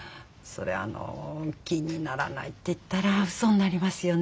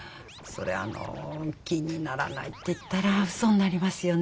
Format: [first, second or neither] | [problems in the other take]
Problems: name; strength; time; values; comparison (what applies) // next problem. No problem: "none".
first | background sound (Scratching (performance technique)); 19 dB below the speech